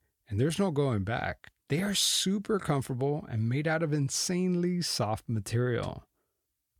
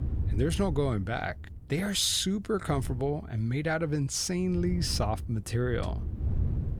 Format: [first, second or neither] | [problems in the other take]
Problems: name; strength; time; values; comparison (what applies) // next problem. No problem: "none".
first | wind noise on the microphone; occasional gusts; 15 dB below the speech